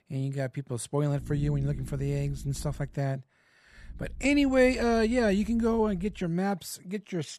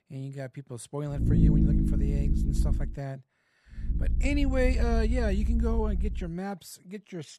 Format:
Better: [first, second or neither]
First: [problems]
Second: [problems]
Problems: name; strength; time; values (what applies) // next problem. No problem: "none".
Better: first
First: low rumble; faint; from 1 to 3 s and from 4 to 6 s; 25 dB below the speech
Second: low rumble; loud; from 1 to 3 s and from 4 to 6 s; 3 dB below the speech